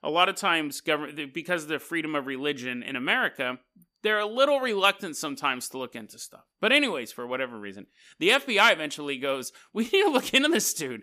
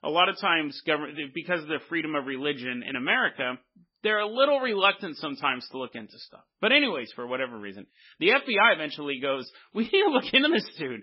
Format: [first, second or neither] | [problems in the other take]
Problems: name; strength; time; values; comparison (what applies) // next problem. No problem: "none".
first | garbled, watery; badly; nothing above 5.5 kHz